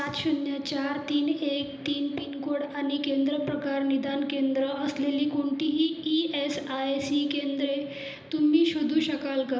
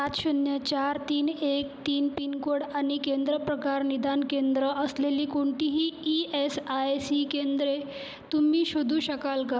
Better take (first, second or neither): second